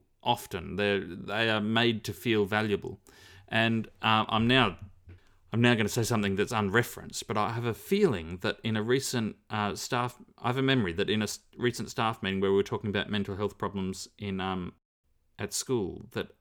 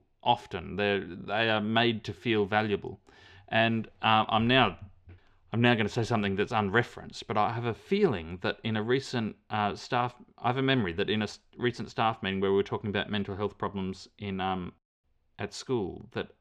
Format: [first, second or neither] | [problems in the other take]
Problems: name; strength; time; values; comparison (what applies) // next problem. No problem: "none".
first | muffled; slightly; fading above 3.5 kHz